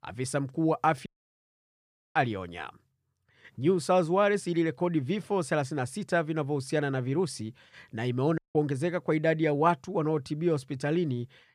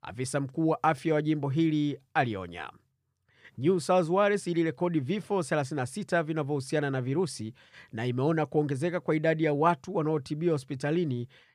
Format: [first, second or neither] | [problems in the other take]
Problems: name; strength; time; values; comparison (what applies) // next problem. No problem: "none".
second | audio cutting out; at 1 s for 1 s and at 8.5 s